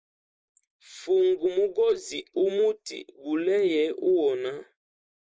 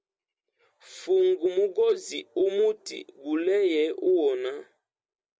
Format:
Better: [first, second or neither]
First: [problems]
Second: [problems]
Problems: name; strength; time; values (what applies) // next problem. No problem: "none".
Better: second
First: noise reduction (neural mask model Resemble Enhance denoiser)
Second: none